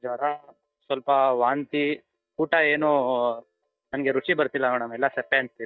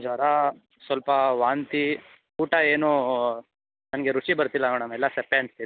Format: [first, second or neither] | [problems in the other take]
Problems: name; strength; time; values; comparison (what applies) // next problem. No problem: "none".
second | noise reduction (neural mask model DeepFilterNet 3)